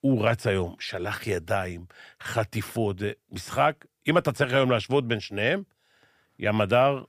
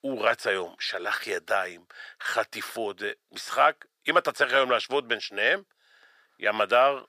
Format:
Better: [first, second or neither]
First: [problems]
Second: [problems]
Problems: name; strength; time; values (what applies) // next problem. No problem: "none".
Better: first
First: none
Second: thin; very; fading below 500 Hz